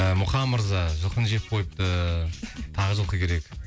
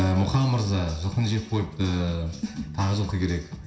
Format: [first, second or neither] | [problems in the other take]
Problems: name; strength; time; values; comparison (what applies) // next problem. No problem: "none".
first | room echo; dies away in 0.7 s